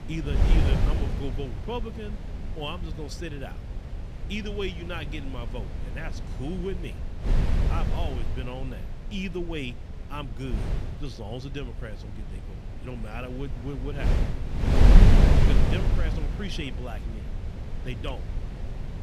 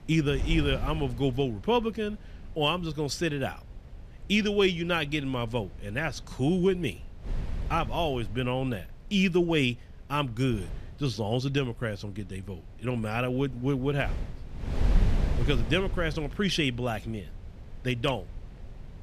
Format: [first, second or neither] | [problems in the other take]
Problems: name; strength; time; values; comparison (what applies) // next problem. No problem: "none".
second | wind noise on the microphone; heavy; as loud as the speech; occasional gusts in the second